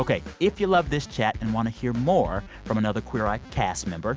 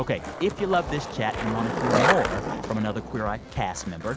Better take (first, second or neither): first